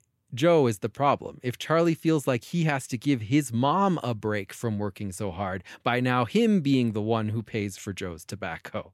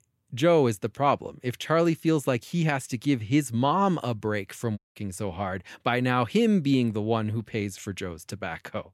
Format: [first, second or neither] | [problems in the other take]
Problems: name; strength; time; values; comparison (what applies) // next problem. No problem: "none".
first | audio cutting out; at 5 s